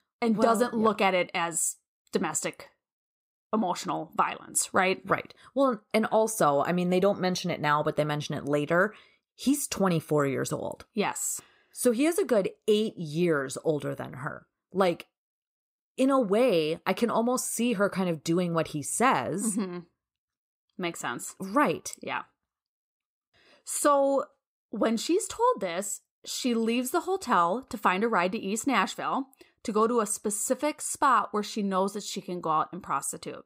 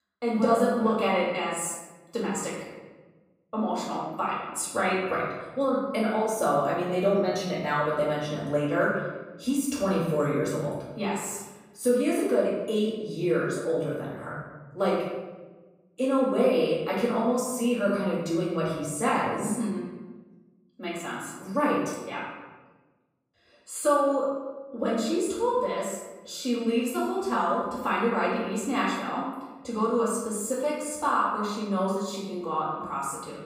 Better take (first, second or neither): first